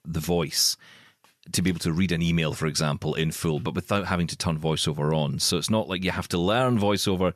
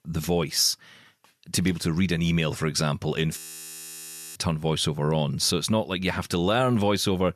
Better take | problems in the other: first | audio freezing; at 3.5 s for 1 s

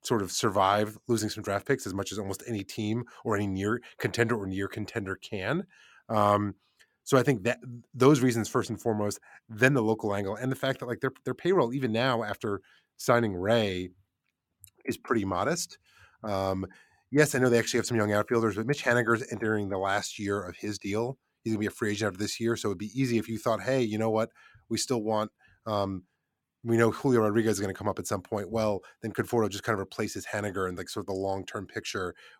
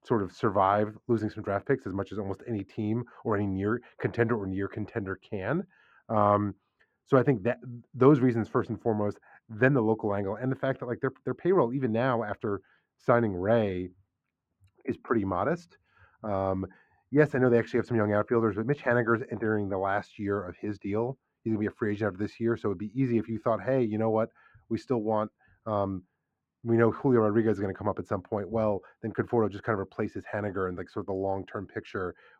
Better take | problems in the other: first | muffled; very; fading above 3.5 kHz

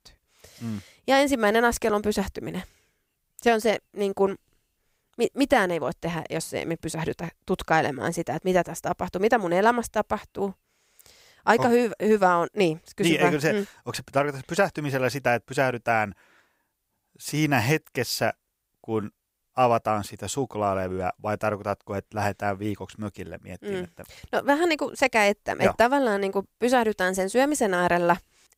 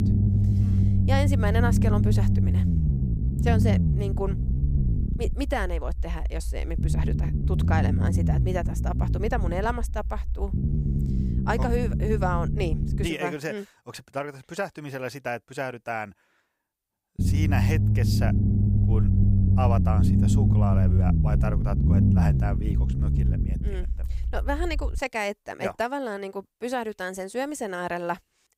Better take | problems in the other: first | low rumble; loud; until 13 s and from 17 to 25 s; 4 dB below the speech

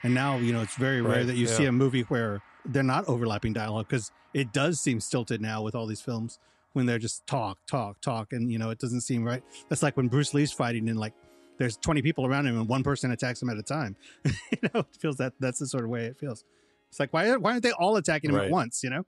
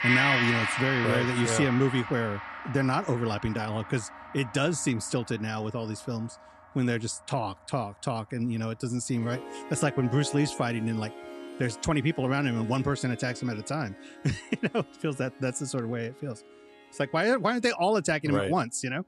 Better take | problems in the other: first | background music; loud; throughout; 5 dB below the speech; faint in the first

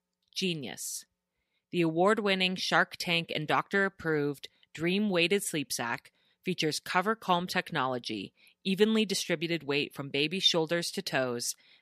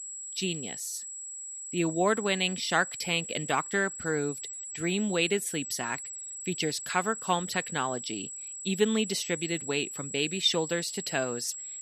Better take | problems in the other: first | high-pitched whine; loud; throughout; 8 kHz, 7 dB below the speech

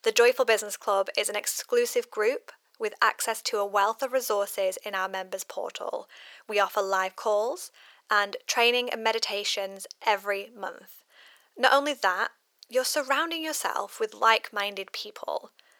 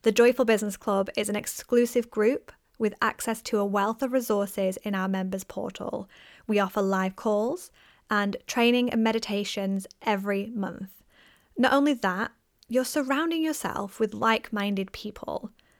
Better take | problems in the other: second | thin; very; fading below 500 Hz

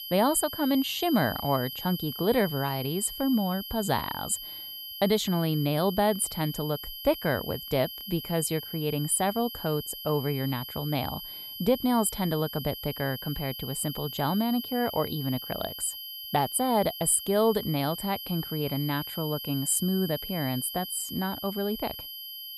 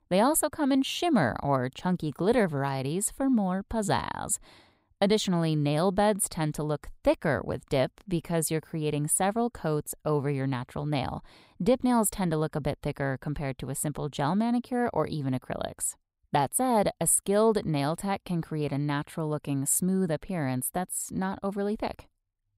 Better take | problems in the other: second | high-pitched whine; loud; throughout; 3 kHz, 8 dB below the speech

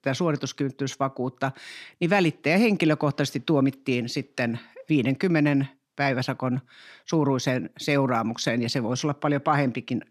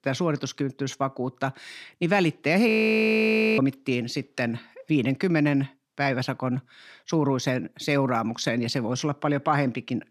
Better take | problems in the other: first | audio freezing; at 2.5 s for 1 s

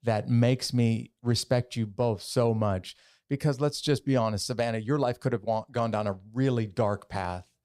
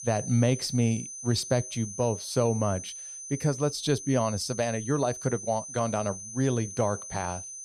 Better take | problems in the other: first | high-pitched whine; loud; throughout; 6 kHz, 9 dB below the speech

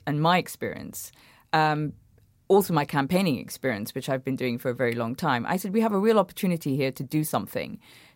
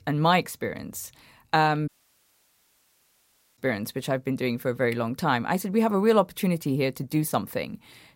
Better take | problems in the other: first | audio cutting out; at 2 s for 1.5 s

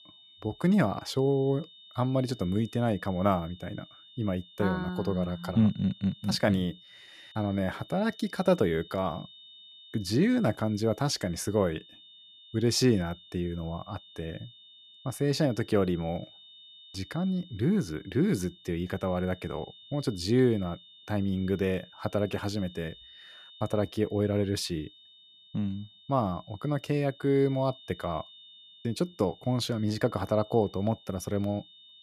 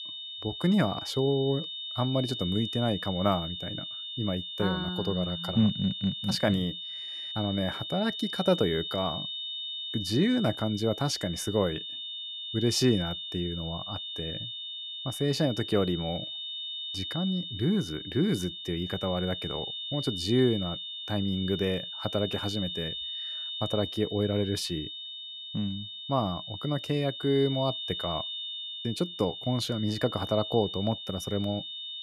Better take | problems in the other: first | high-pitched whine; loud; throughout; 3.5 kHz, 5 dB below the speech; faint in the first

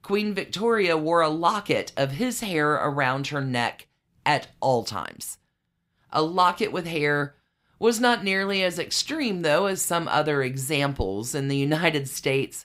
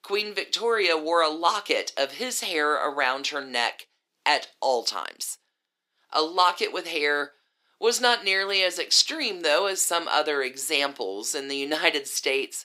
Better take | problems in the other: first | thin; somewhat; fading below 350 Hz

